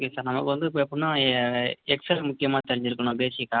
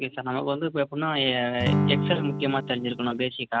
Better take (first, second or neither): first